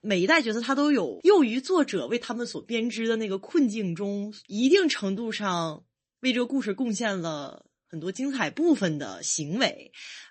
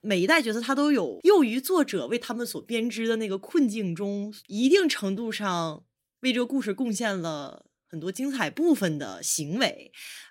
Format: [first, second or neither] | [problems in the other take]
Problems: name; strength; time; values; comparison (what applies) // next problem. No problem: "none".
second | garbled, watery; slightly; nothing above 8 kHz